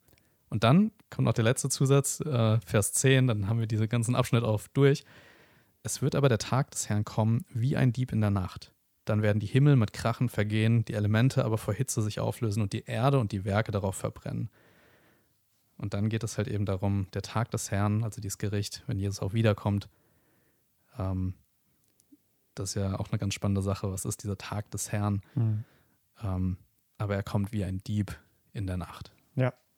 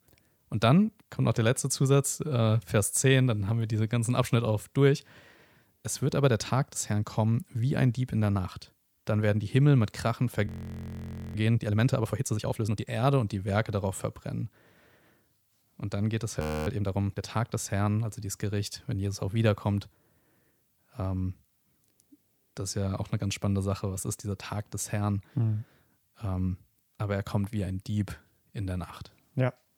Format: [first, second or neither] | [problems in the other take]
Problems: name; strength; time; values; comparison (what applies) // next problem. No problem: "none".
first | audio freezing; at 10 s for 1 s and at 16 s